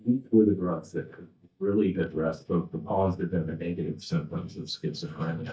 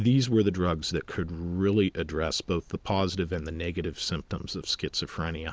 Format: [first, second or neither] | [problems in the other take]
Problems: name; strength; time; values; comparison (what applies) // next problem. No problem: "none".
second | noise reduction (neural mask model DeepFilterNet 3)